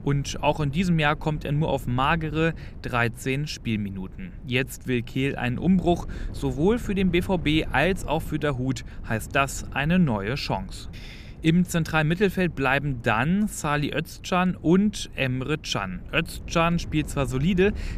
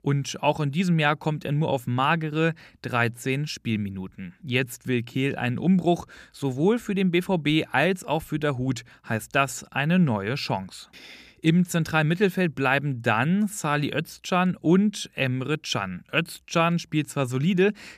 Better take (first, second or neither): second